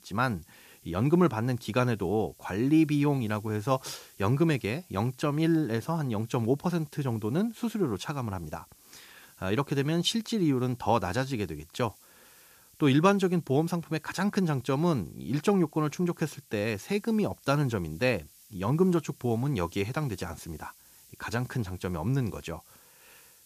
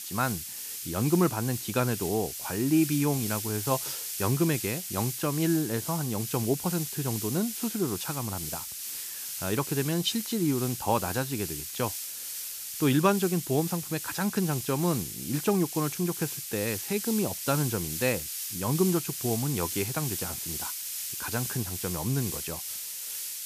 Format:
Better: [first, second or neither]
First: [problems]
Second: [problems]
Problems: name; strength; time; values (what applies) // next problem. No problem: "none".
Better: first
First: hiss; faint; throughout; 25 dB below the speech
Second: hiss; loud; throughout; 4 dB below the speech